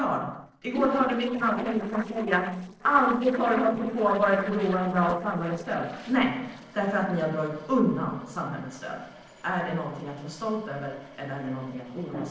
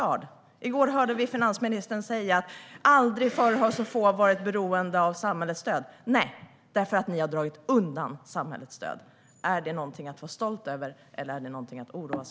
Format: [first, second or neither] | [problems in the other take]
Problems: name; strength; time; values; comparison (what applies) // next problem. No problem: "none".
second | noise reduction (neural separator model SepFormer DNS4)